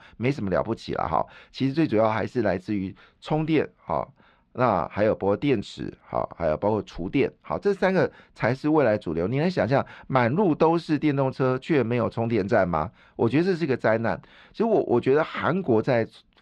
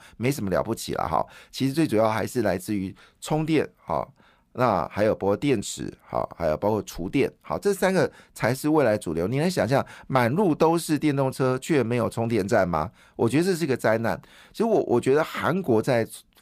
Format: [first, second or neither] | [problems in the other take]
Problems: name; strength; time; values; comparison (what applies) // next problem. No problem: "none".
second | muffled; very slightly; fading above 4 kHz